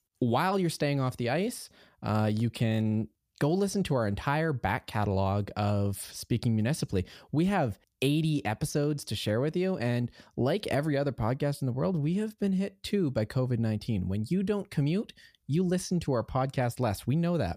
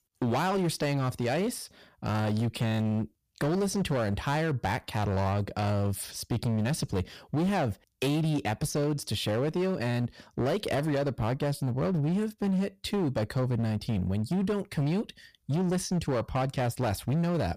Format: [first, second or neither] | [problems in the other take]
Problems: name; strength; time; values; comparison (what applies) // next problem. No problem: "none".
first | distortion; slight; 17% of the sound clipped